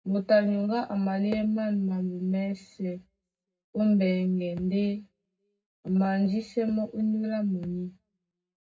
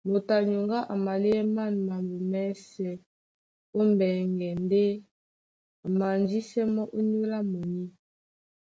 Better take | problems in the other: second | room echo; dies away in 0.3 s

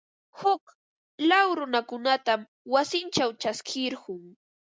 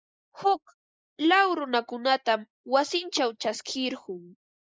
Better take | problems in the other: first | noise reduction (neural mask model Resemble Enhance denoiser)

